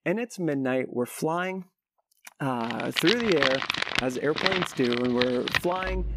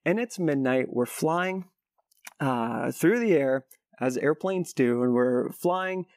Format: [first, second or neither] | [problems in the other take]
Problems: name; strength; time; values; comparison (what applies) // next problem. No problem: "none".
second | household noises; loud; from 3 s on; as loud as the speech